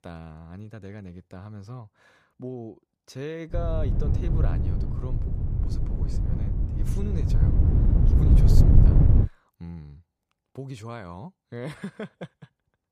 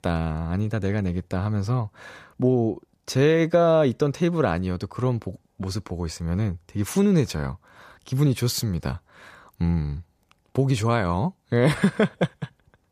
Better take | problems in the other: second | wind noise on the microphone; heavy; from 3.5 to 9 s; 4 dB above the speech

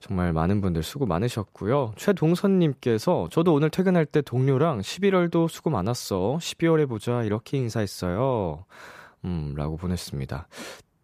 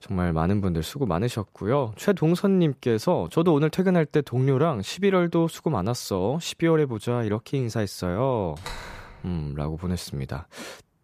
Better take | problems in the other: first | door banging; faint; at 8.5 s; peak 15 dB below the speech

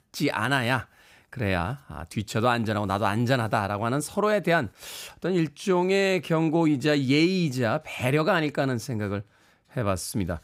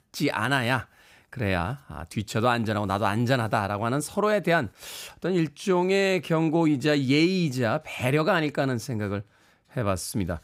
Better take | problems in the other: neither | none

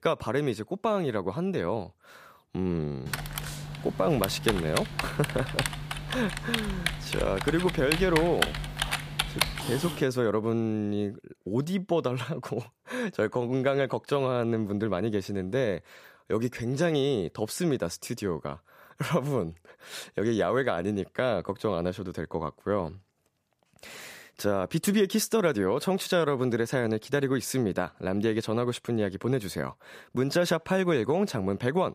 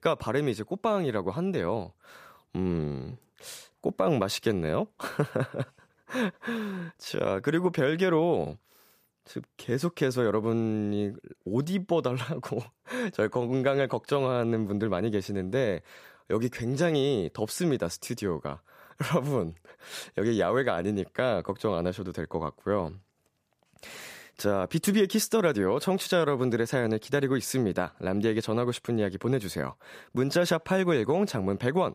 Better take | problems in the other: second | keyboard typing; loud; from 3 to 10 s; peak 1 dB above the speech

